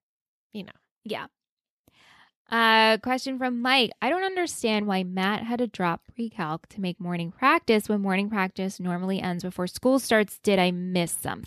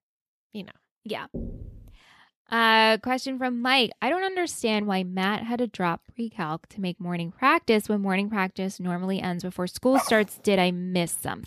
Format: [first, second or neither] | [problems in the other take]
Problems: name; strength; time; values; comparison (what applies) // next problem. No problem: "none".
first | door banging; faint; at 1.5 s; peak 10 dB below the speech // dog barking; noticeable; at 10 s; peak 5 dB below the speech